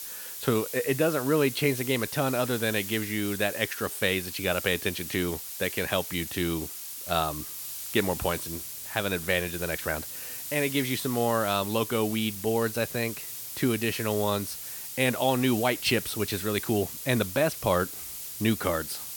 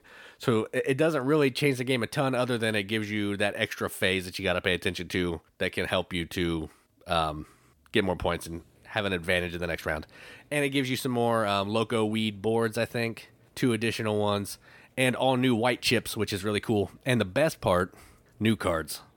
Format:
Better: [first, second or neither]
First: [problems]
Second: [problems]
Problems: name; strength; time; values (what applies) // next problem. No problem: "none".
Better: second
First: hiss; loud; throughout; 7 dB below the speech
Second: none